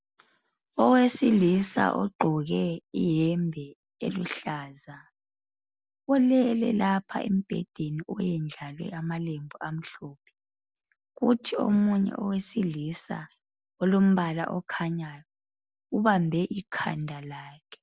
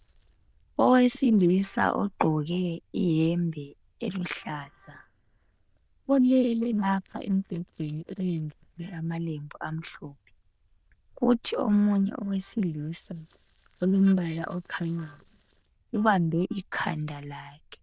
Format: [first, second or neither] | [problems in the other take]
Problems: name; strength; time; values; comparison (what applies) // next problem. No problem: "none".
first | noise reduction (neural diffusion model UNIVERSE++)